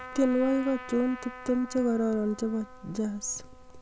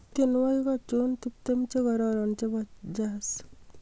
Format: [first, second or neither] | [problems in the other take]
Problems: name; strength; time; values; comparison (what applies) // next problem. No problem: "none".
second | background sound (Trumpet); 16 dB below the speech